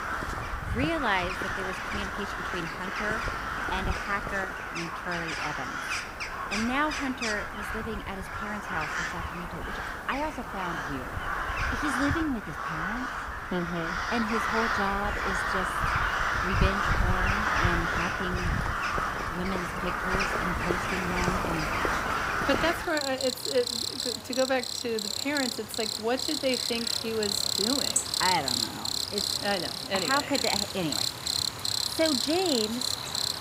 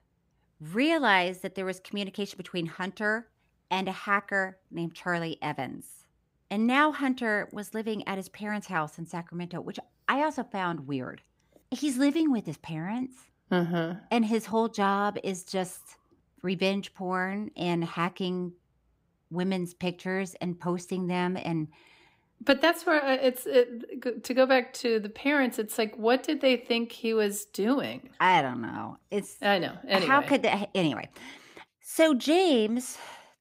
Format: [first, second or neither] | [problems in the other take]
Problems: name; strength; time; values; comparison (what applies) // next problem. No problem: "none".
second | animal sounds; very loud; throughout; 3 dB above the speech